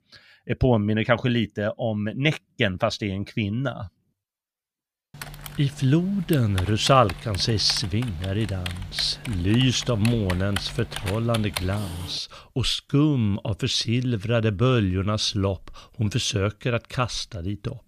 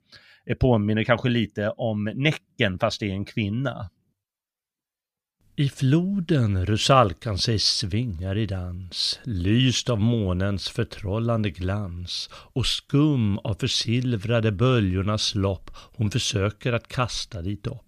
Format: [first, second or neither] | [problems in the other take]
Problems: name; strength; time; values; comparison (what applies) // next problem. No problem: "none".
second | keyboard typing; noticeable; from 5 to 12 s; peak 7 dB below the speech